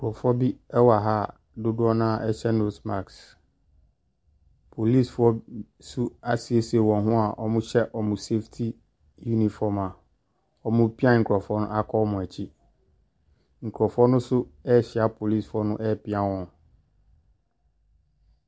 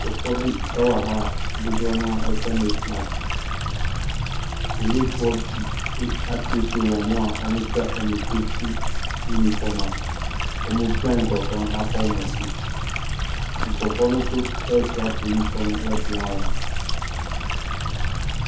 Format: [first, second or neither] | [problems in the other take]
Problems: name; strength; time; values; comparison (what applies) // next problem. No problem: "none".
first | background sound (Stream); 2 dB above the speech // room echo; dies away in 0.5 s